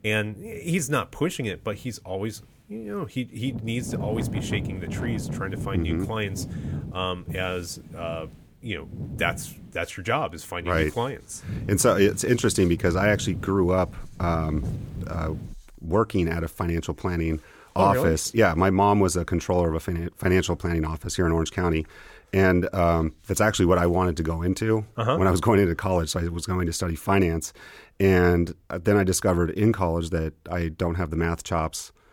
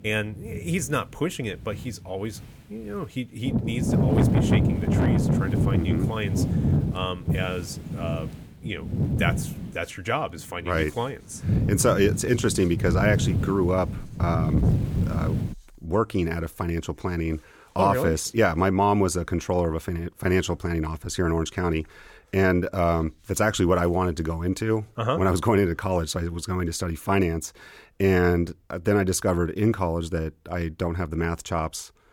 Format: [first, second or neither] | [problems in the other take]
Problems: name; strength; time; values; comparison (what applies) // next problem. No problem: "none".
first | wind noise on the microphone; heavy; until 16 s; 6 dB below the speech; occasional gusts in the first